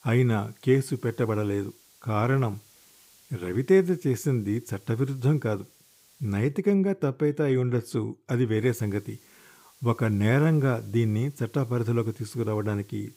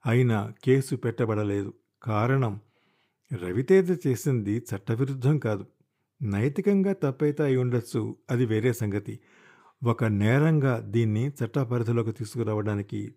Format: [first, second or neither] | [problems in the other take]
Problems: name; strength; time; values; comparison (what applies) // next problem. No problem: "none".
second | hiss; faint; until 6.5 s and from 8.5 s on; 30 dB below the speech